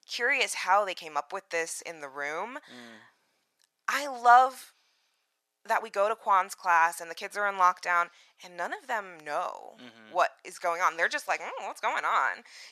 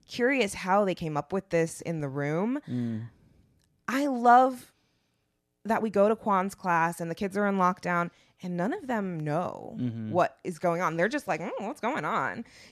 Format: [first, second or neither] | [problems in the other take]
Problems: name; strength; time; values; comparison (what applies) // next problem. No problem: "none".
second | thin; very; fading below 950 Hz